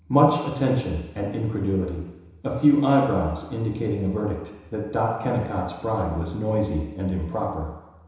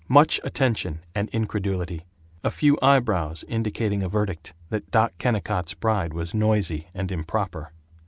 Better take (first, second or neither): second